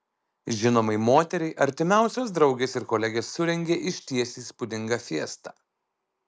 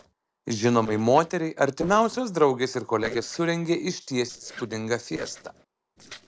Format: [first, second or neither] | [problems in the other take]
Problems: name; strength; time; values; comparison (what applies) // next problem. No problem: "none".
first | noise reduction (neural separator model SepFormer DNS4)